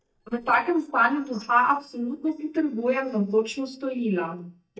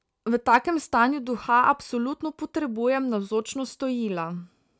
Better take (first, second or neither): second